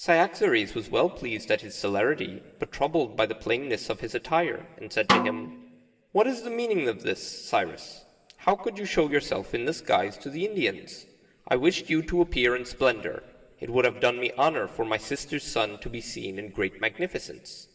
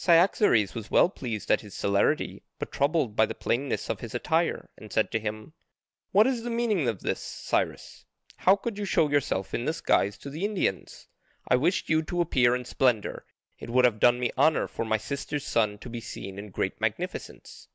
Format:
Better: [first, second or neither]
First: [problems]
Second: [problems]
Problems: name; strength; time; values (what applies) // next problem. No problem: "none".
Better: second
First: background sound (Snare drum); 2 dB below the speech // room echo; dies away in 1.4 s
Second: none